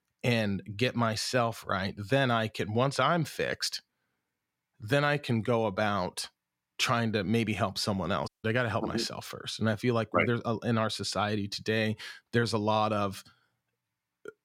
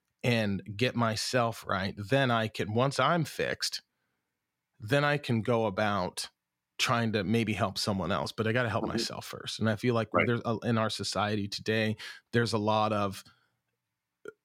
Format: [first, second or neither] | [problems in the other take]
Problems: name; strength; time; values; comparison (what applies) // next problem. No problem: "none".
second | audio cutting out; at 8.5 s